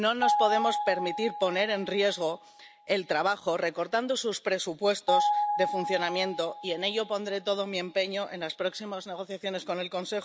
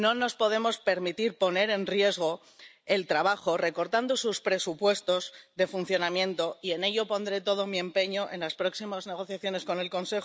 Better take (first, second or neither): second